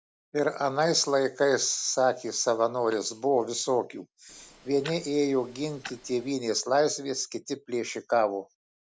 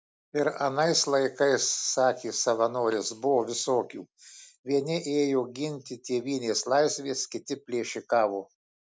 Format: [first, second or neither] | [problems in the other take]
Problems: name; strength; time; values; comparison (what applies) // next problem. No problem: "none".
second | background sound (Tick-tock); 19 dB below the speech